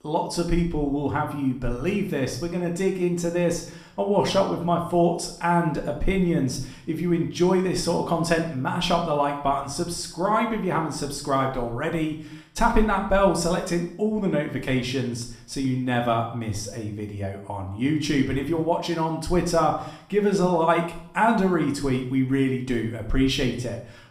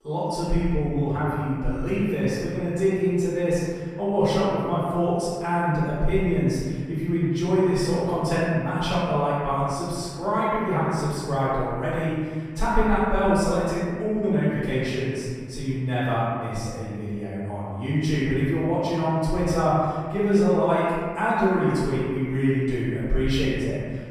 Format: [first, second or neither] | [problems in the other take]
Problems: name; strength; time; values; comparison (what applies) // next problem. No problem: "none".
first | room echo; strong; dies away in 1.7 s; slight in the first // off-mic speech; far; somewhat distant in the first